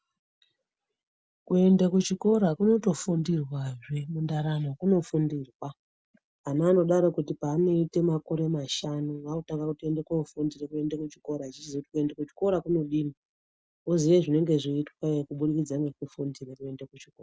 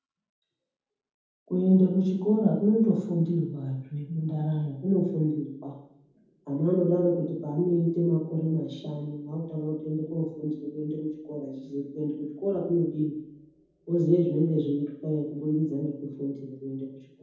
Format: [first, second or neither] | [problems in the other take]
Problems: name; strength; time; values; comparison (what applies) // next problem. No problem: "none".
first | room echo; dies away in 0.9 s